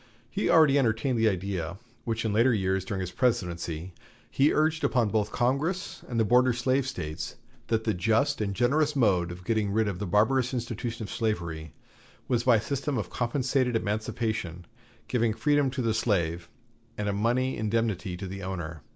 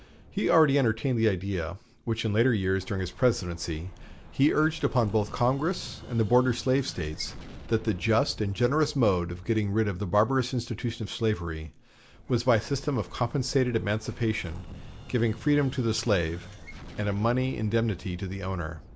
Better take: first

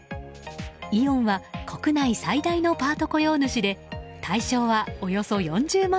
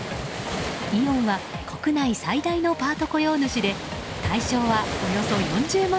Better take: first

